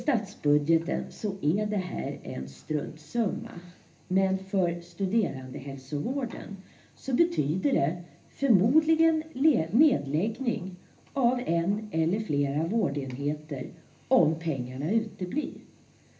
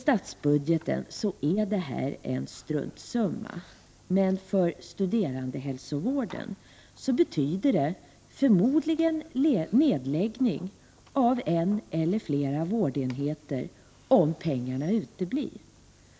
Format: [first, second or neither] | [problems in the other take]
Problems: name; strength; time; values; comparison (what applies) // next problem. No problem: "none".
second | room echo; dies away in 0.3 s